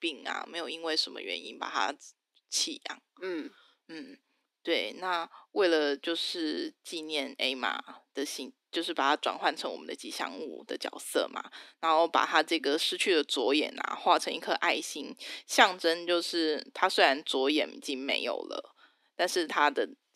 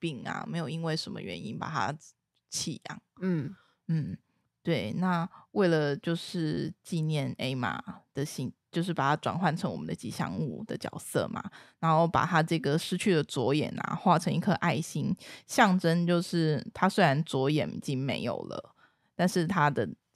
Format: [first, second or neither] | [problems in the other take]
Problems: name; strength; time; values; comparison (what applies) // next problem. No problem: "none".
second | thin; somewhat; fading below 300 Hz